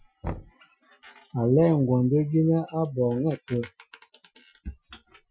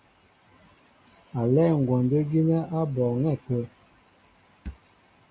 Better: second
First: noise reduction (classical method Wiener filter)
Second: none

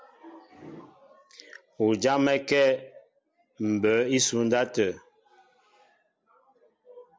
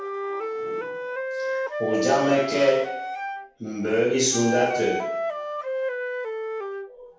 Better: first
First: none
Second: background sound (Wind instrument, woodwind instrument); 4 dB below the speech // room echo; dies away in 0.7 s

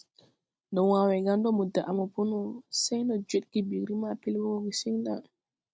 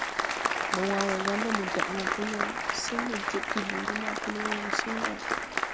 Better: first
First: none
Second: background sound (Applause); 4 dB above the speech

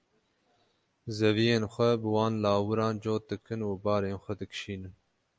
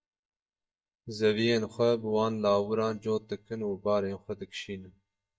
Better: first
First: none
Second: noise reduction (neural mask model DeepFilterNet 3)

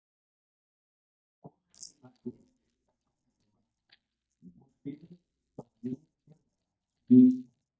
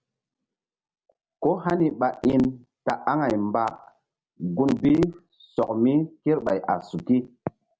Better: second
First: noise reduction (neural mask model DeepFilterNet 3)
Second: none

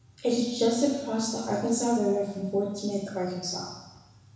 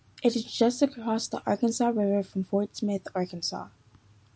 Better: second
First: room echo; dies away in 1 s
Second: none

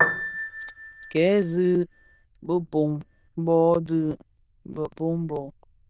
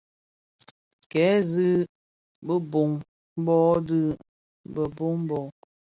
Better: second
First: noise reduction (neural diffusion model UNIVERSE++)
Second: none

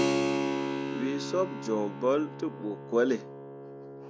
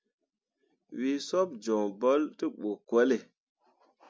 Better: second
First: background sound (Keyboard (musical)); 2 dB below the speech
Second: none

